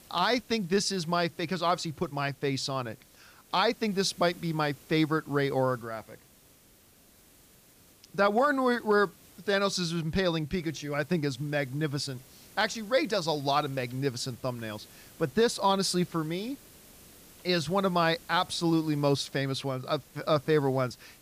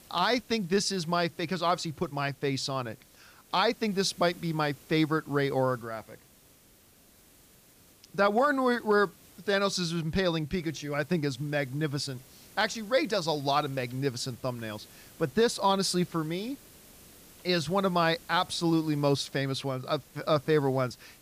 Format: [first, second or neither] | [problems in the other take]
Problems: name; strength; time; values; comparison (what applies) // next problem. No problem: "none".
neither | hiss; faint; throughout; 25 dB below the speech; the same in both